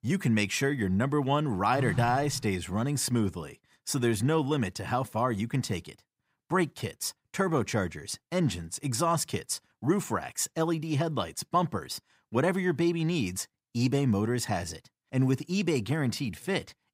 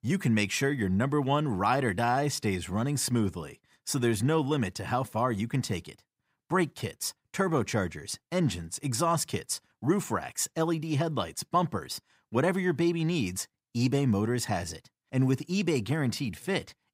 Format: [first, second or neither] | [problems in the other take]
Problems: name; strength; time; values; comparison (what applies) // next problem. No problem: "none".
second | phone ringing; noticeable; at 2 s; peak 4 dB below the speech